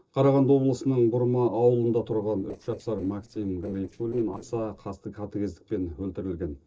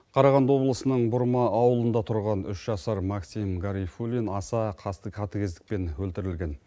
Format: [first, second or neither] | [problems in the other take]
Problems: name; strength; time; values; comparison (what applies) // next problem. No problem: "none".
second | noise reduction (neural separator model SepFormer DNS4)